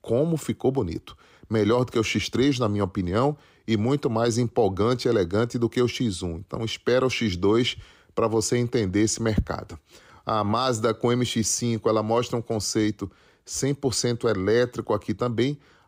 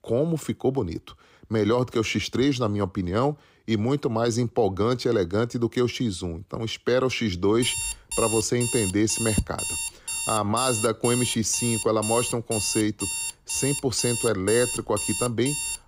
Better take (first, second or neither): first